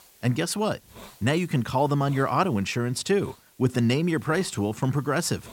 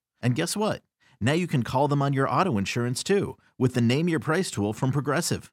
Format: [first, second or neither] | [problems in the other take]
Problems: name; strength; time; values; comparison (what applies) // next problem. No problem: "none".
second | hiss; faint; throughout; 25 dB below the speech